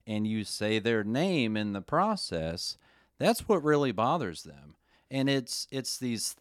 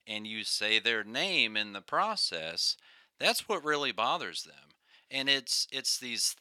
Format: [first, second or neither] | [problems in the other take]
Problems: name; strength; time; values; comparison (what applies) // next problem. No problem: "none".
first | thin; somewhat; fading below 1 kHz